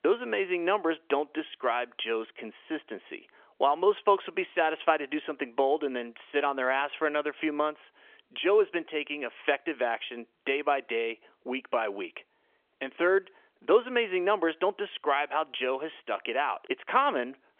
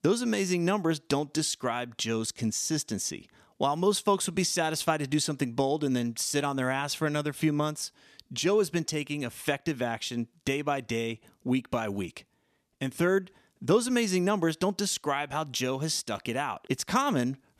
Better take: second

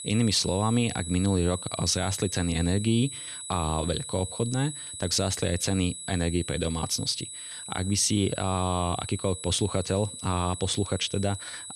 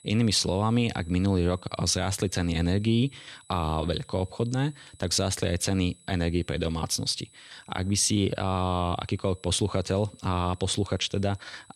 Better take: second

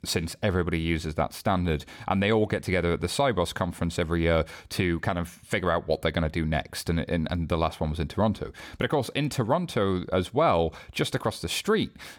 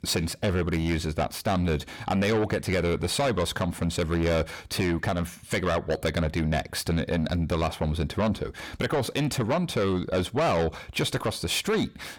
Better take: first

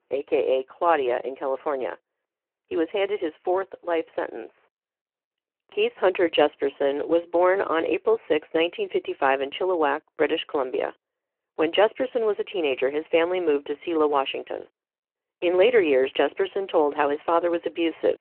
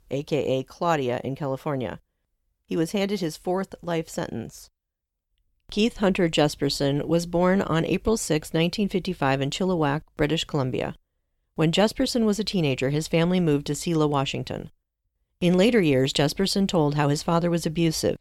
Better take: second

